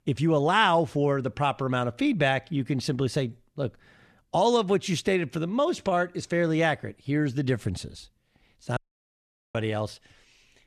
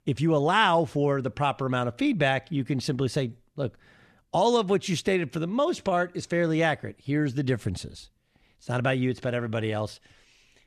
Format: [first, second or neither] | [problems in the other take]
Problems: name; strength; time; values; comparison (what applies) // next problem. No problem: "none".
second | audio cutting out; at 9 s for 1 s